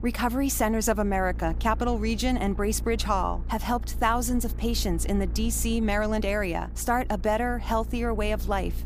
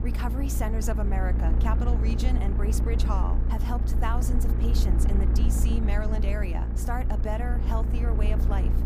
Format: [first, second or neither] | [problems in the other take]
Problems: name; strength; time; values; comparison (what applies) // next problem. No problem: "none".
first | low rumble; loud; throughout; 4 dB below the speech; faint in the first